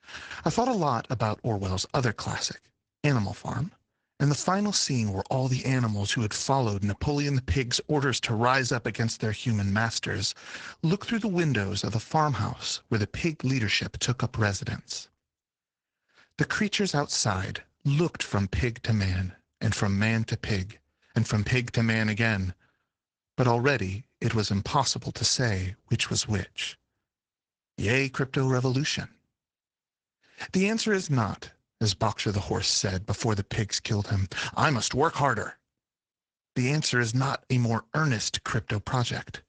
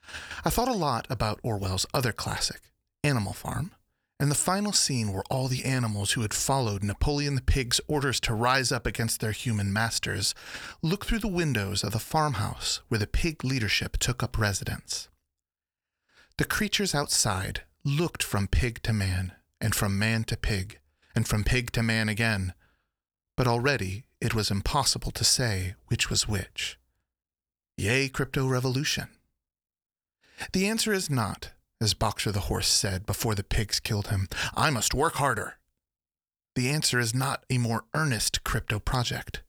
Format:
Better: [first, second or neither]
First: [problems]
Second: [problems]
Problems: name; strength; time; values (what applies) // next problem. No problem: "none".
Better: second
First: garbled, watery; slightly; nothing above 8 kHz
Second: none